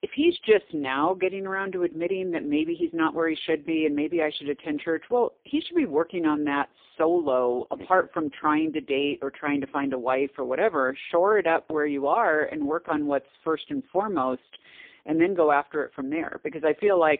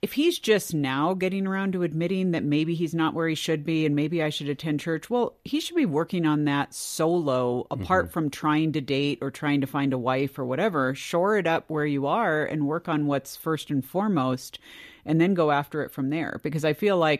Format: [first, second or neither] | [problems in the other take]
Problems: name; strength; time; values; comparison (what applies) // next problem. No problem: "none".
second | phone-call audio; poor line; nothing above 3.5 kHz